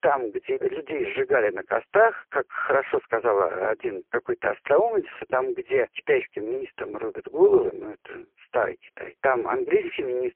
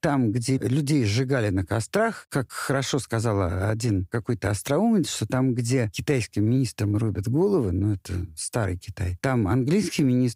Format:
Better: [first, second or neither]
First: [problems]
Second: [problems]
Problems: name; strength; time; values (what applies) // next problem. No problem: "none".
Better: second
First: phone-call audio; poor line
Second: none